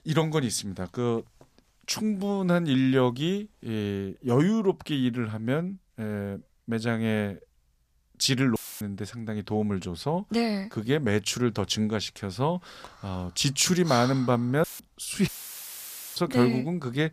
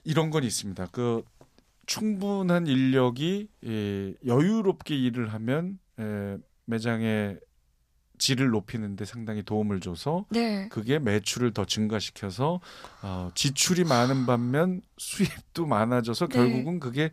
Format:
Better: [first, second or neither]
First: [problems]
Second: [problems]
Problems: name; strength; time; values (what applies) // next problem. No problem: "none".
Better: second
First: audio cutting out; filled with static; at 8.5 s and at 15 s for 1 s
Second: none